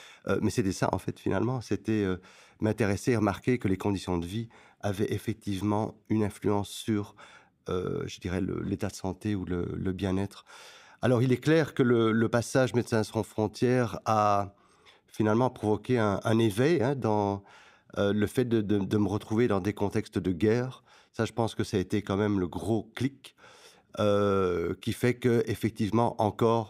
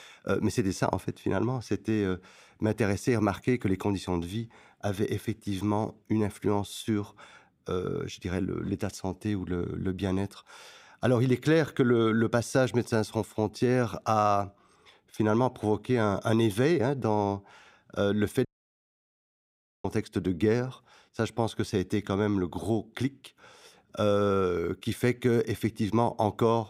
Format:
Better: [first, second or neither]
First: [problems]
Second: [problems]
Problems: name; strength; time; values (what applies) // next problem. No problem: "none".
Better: first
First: none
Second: audio cutting out; at 18 s for 1.5 s